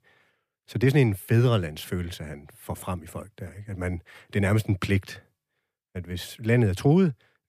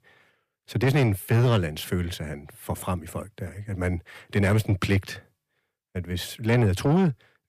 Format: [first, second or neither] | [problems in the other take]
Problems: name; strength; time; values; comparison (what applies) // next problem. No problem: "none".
first | distortion; slight; 10 dB below the speech